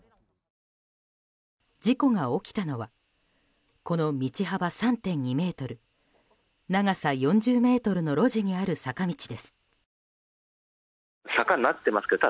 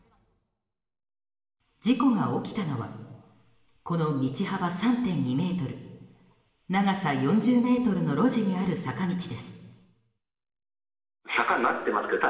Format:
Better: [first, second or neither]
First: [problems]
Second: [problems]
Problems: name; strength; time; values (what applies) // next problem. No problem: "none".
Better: first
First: none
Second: room echo; dies away in 1.3 s